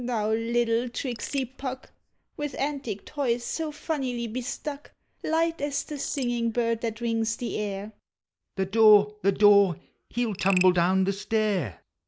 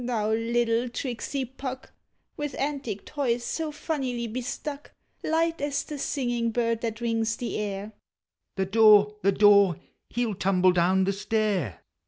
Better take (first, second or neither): second